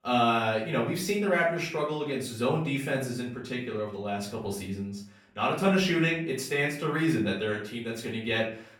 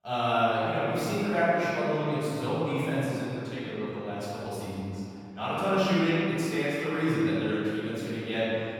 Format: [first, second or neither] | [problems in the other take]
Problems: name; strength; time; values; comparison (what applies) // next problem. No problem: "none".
first | room echo; strong; dies away in 2.9 s; slight in the first // off-mic speech; far; far in the first